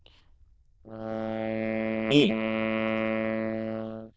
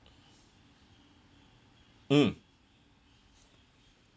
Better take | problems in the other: second | noise reduction (neural diffusion model UNIVERSE++)

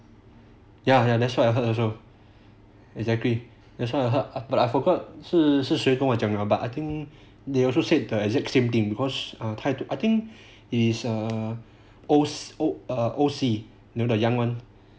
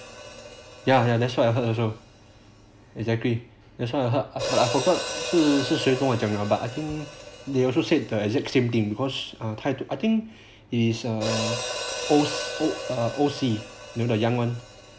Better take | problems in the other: first | background sound (Hi-hat); 10 dB below the speech

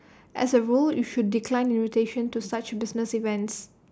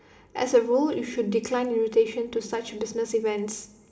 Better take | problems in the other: first | room echo; dies away in 2 s

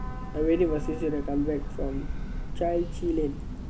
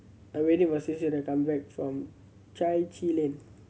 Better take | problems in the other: second | background sound (Train / Breathing); 3 dB below the speech

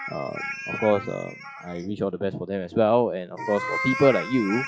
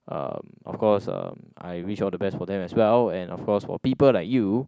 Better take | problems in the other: second | noise reduction (classical method log-MMSE)

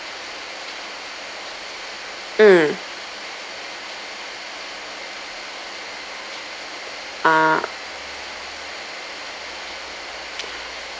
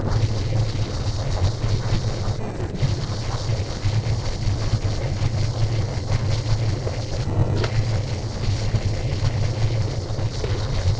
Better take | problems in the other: first | noise reduction (neural separator model SepFormer DNS4)

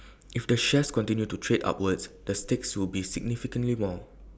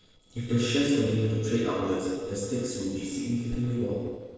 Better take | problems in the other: first | noise reduction (neural separator model SepFormer DNS4)

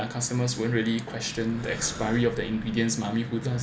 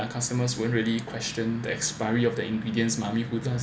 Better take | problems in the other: second | background sound (Breathing); 14 dB below the speech

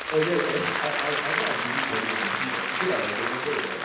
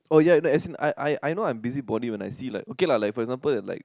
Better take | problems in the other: second | background sound (Applause); 2 dB above the speech // room echo; dies away in 0.9 s

